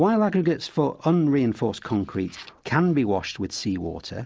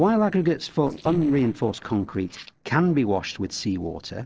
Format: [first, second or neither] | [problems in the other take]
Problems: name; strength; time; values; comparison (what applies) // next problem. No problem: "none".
first | noise reduction (neural separator model SepFormer DNS4)